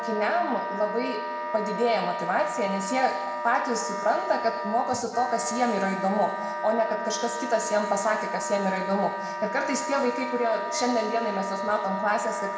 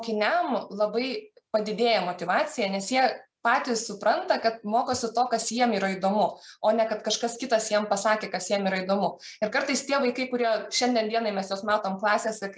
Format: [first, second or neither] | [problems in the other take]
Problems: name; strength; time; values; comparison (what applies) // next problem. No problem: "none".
second | background sound (Wind instrument, woodwind instrument); 5 dB below the speech // room echo; dies away in 1.7 s